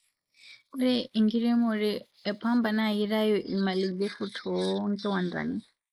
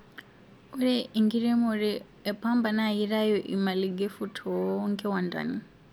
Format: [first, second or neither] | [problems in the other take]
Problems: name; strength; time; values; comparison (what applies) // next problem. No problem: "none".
second | noise reduction (neural mask model Resemble Enhance denoiser)